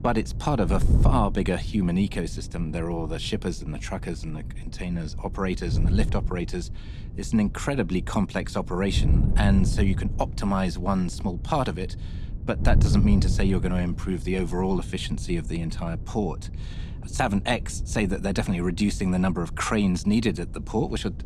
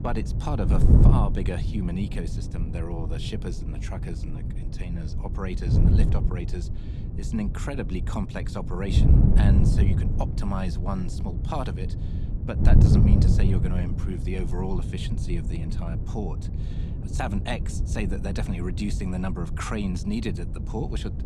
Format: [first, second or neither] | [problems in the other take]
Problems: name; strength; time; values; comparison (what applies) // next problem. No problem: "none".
first | wind noise on the microphone; heavy; 2 dB below the speech; occasional gusts in the first